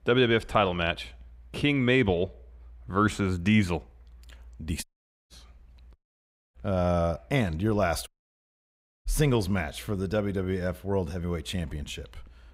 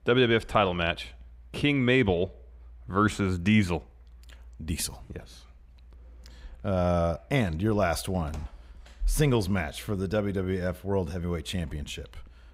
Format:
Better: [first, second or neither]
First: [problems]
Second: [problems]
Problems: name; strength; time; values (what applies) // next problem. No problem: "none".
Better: second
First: audio cutting out; at 5 s, at 6 s for 0.5 s and at 8 s for 1 s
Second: none